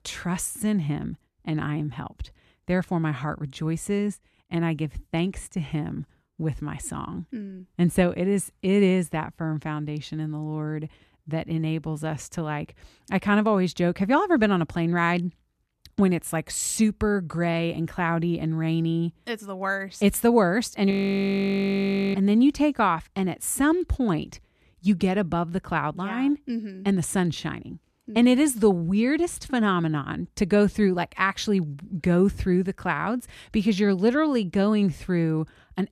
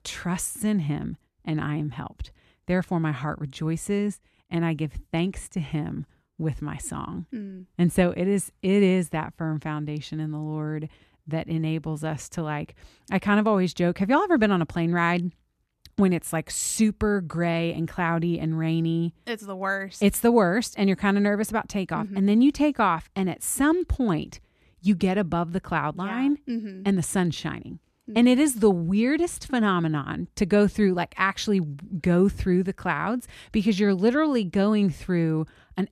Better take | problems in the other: second | audio freezing; at 21 s for 1 s

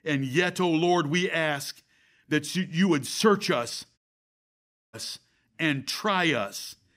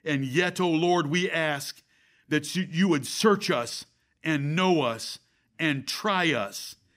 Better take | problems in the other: second | audio cutting out; at 4 s for 1 s

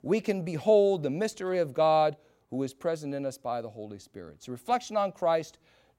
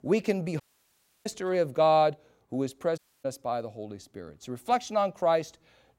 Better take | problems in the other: first | audio cutting out; at 0.5 s for 0.5 s and at 3 s

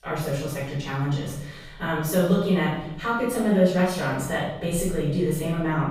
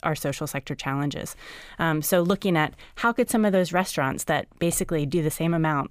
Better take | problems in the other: second | off-mic speech; far // room echo; strong; dies away in 0.8 s

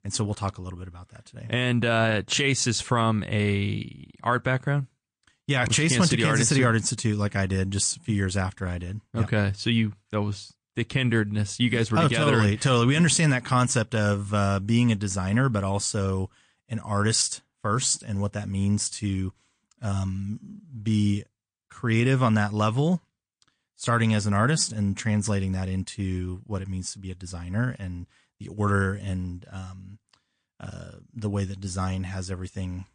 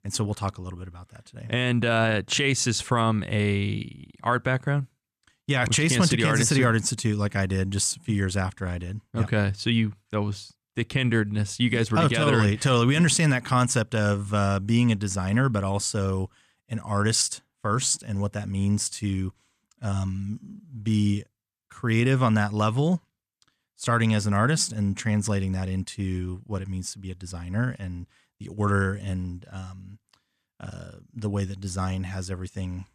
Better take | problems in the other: second | garbled, watery; slightly; nothing above 9 kHz

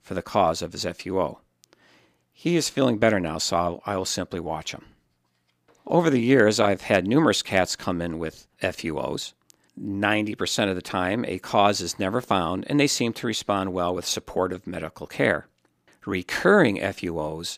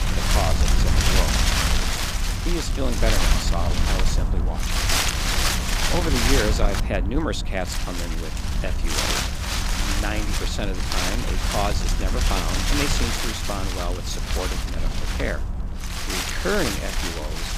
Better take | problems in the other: first | wind noise on the microphone; heavy; 4 dB above the speech

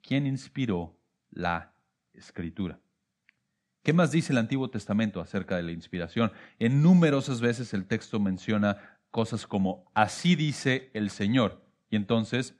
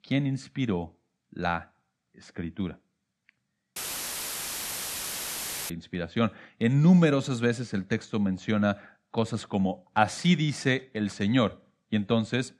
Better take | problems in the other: first | audio cutting out; filled with static; at 4 s for 2 s

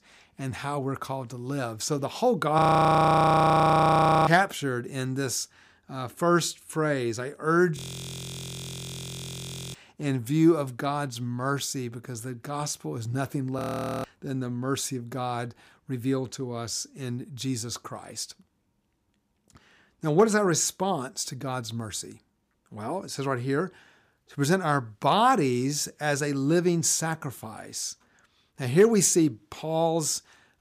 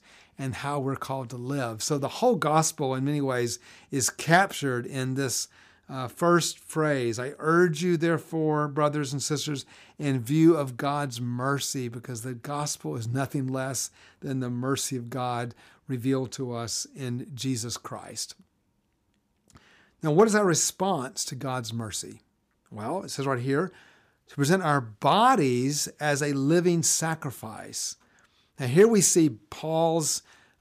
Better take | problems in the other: second | audio freezing; at 2.5 s for 1.5 s, at 8 s for 2 s and at 14 s

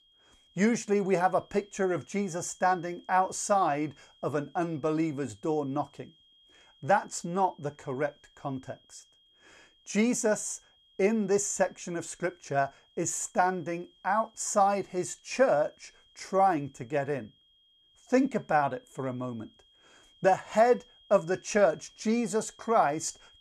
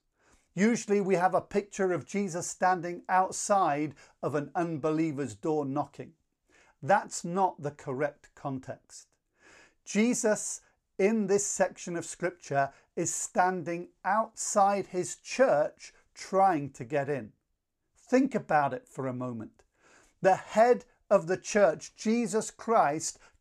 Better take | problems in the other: second | high-pitched whine; faint; throughout; 3 kHz, 30 dB below the speech

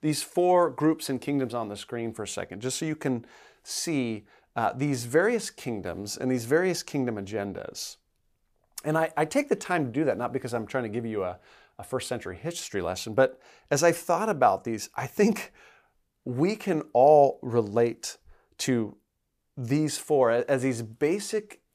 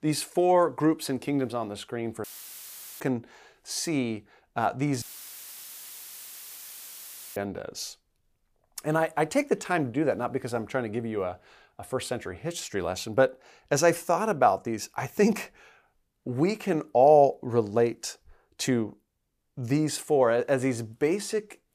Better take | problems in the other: first | audio cutting out; filled with static; at 2 s for 1 s and at 5 s for 2.5 s

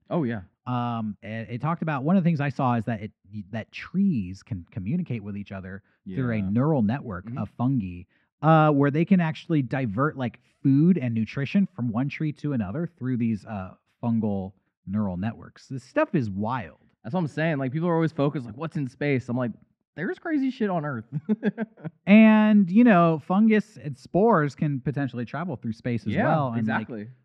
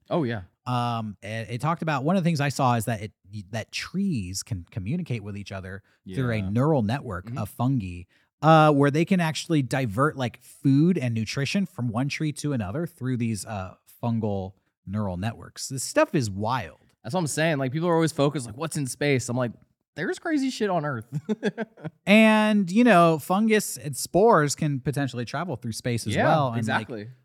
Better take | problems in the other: second | muffled; very; fading above 2.5 kHz

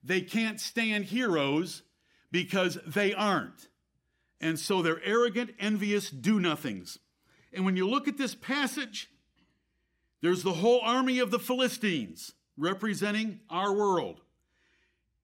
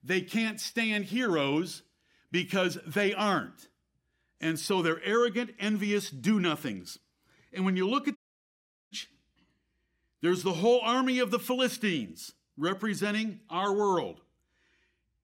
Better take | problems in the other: first | audio cutting out; at 8 s for 1 s

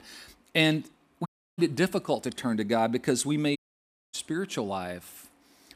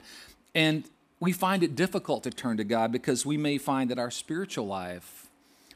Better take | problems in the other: second | audio cutting out; at 1.5 s and at 3.5 s for 0.5 s

